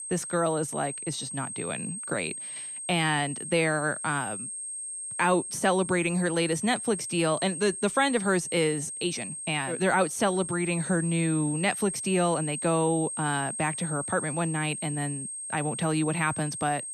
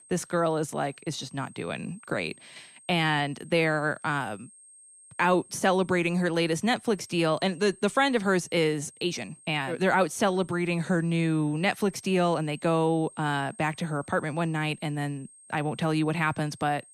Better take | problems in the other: second | high-pitched whine; loud; throughout; 8.5 kHz, 6 dB below the speech; faint in the second

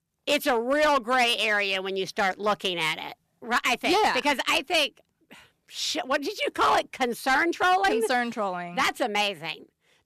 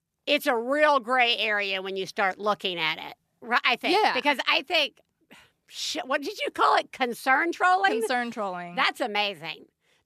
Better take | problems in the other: second | distortion; slight; 6% of the sound clipped

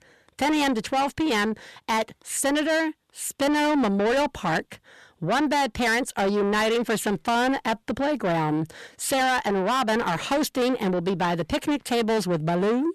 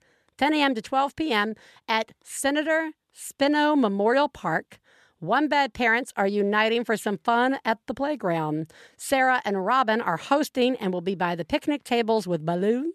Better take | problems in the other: second | distortion; heavy; 7 dB below the speech

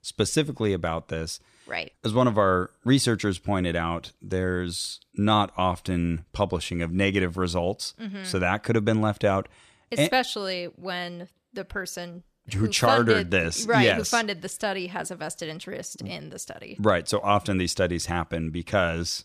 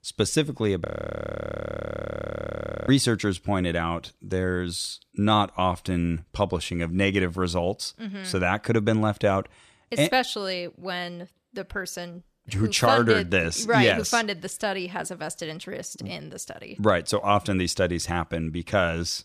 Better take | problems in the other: first | audio freezing; at 1 s for 2 s

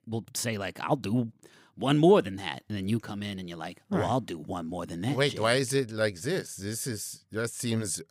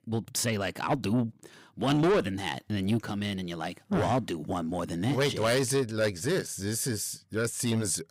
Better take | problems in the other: first | distortion; heavy; 8 dB below the speech

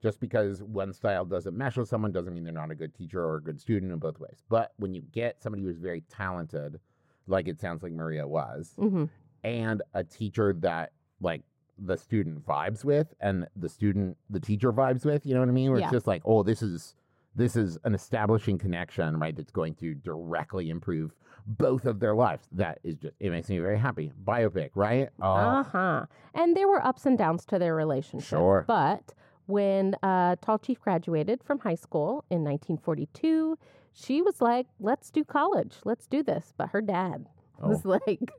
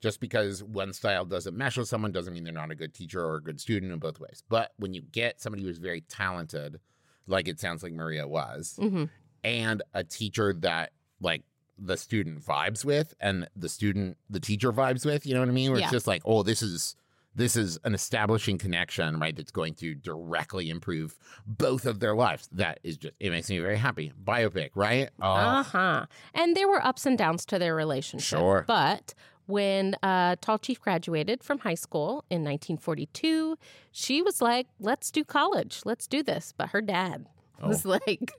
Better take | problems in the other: second | muffled; very; fading above 2 kHz

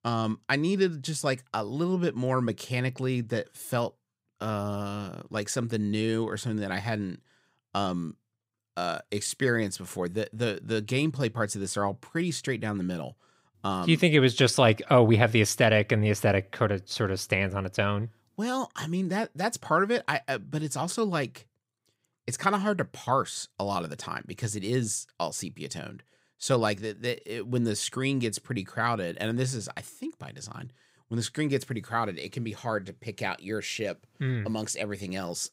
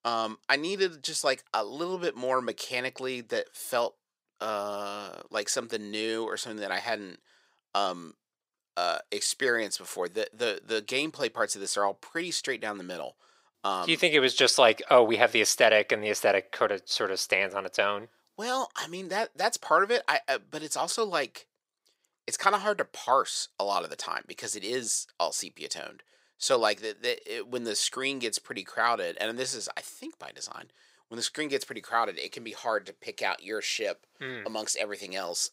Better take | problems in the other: first | thin; very; fading below 550 Hz

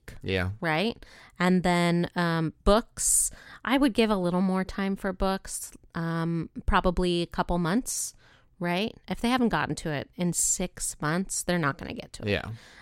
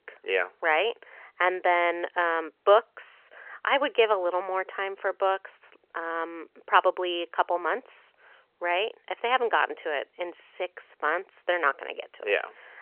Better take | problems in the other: first | phone-call audio; nothing above 3 kHz

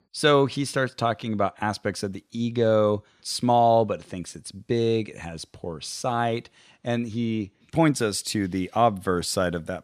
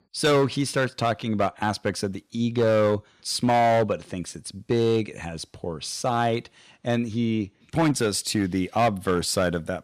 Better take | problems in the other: first | distortion; slight; 6% of the sound clipped

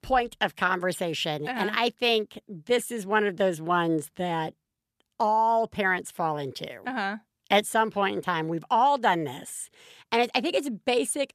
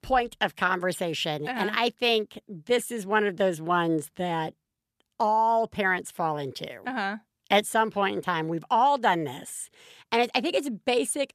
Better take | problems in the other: neither | none

